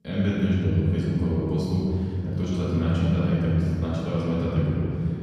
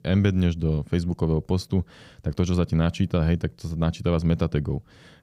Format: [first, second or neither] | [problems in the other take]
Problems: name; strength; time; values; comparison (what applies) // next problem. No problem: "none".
second | off-mic speech; far // room echo; strong; dies away in 2.9 s